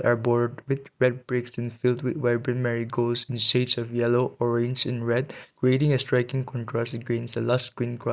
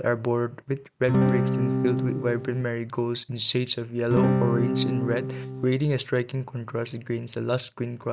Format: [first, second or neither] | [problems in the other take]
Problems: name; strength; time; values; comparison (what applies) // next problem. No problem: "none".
first | background sound (Acoustic guitar / Strum); 3 dB above the speech